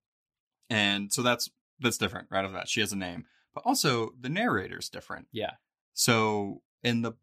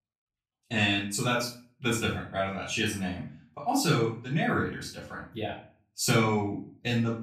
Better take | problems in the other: first | off-mic speech; far // room echo; noticeable; dies away in 0.4 s

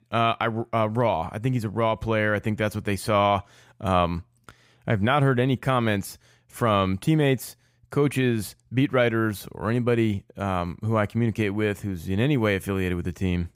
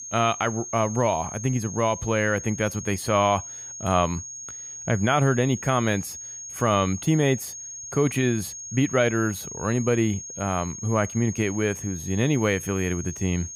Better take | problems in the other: first | high-pitched whine; noticeable; throughout; 6.5 kHz, 10 dB below the speech

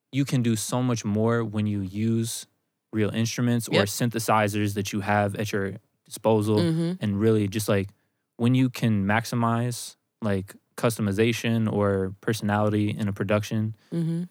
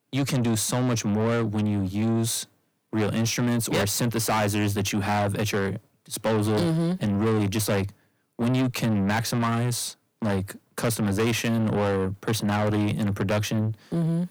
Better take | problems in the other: first | distortion; heavy; 7 dB below the speech

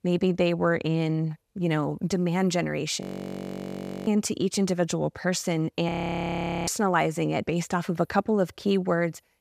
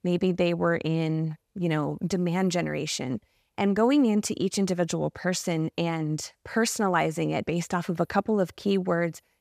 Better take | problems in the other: second | audio freezing; at 3 s for 1 s and at 6 s for 1 s

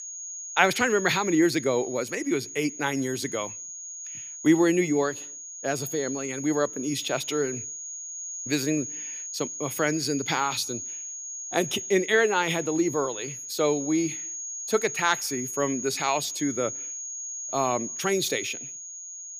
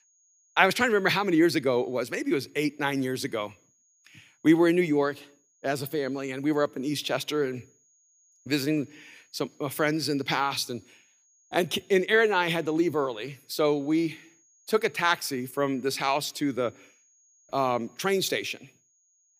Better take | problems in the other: second | high-pitched whine; loud; throughout; 6.5 kHz, 7 dB below the speech; faint in the second

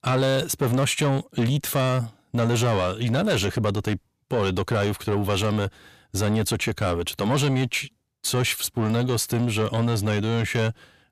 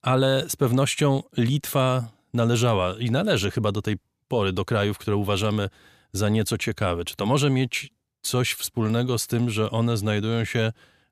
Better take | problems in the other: second | distortion; slight; 10 dB below the speech

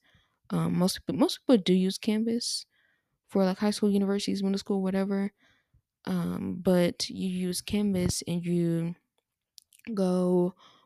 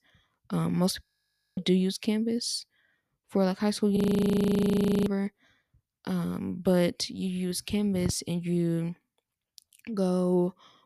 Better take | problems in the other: first | audio freezing; at 1 s for 0.5 s and at 4 s for 1 s

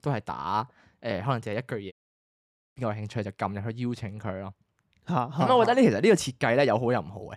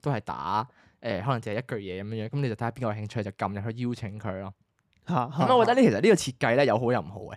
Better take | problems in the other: second | audio cutting out; at 2 s for 1 s

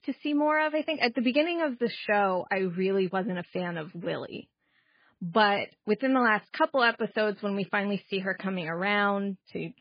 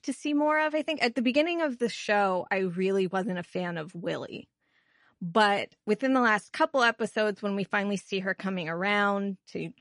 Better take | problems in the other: second | garbled, watery; badly; slightly in the second

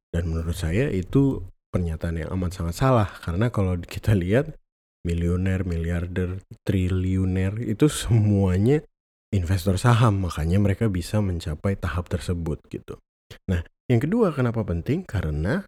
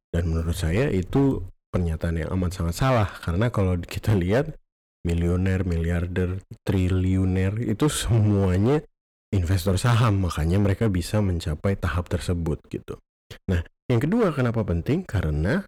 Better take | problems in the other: first | distortion; slight; 10% of the sound clipped

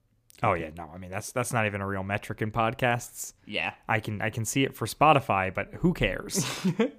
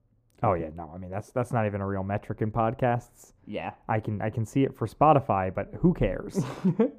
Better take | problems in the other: first | muffled; very; fading above 1.5 kHz

